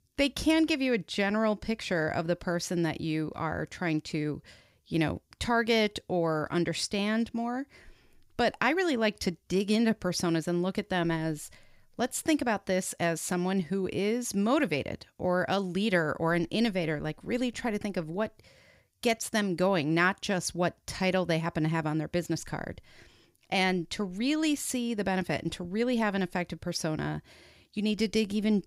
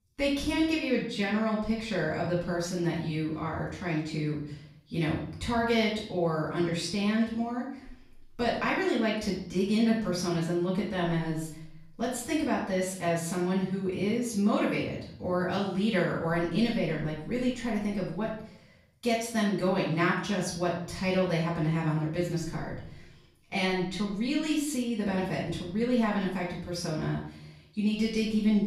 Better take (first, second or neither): first